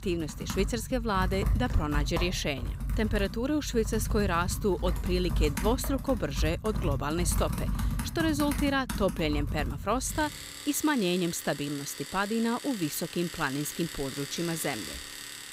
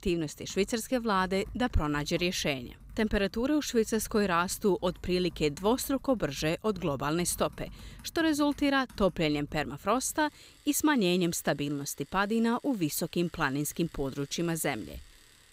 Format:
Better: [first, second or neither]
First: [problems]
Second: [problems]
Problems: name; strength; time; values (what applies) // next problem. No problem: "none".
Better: second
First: household noises; loud; throughout; 5 dB below the speech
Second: household noises; faint; throughout; 25 dB below the speech